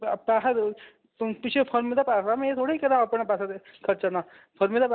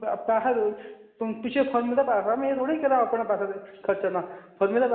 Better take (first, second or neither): first